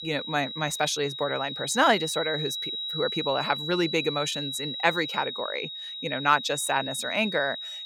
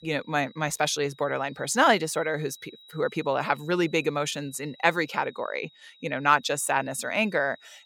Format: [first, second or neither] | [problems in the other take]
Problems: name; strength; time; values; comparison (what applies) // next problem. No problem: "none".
second | high-pitched whine; loud; throughout; 4 kHz, 5 dB below the speech; faint in the second